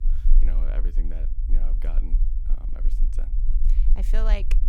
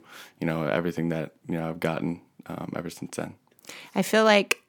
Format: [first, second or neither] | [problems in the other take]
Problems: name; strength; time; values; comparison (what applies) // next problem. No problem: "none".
second | low rumble; loud; throughout; 10 dB below the speech